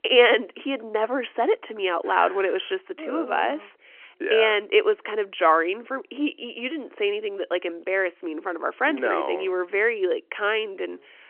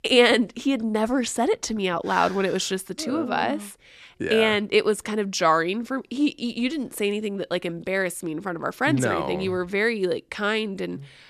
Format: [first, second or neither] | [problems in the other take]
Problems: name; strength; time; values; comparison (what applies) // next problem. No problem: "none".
second | phone-call audio; nothing above 3 kHz